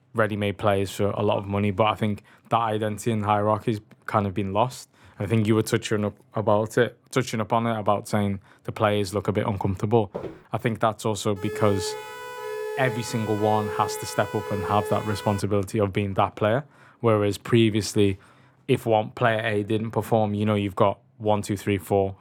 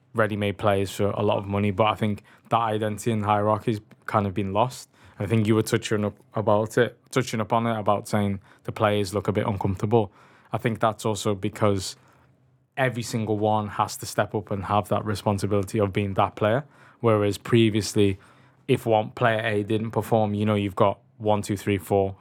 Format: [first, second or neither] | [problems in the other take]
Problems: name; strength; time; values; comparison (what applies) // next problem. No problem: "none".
second | footsteps; faint; at 10 s; peak 10 dB below the speech // siren; noticeable; from 11 to 15 s; peak 6 dB below the speech